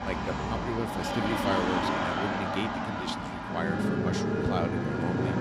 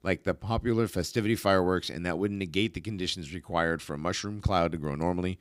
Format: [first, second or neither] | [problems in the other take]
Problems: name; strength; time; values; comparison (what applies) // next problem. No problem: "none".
second | traffic noise; very loud; throughout; 5 dB above the speech